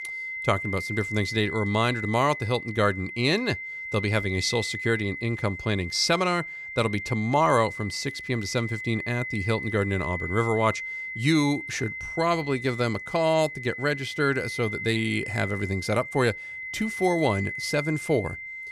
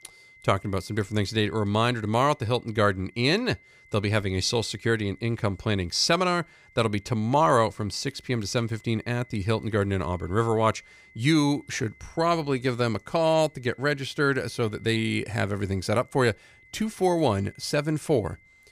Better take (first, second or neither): second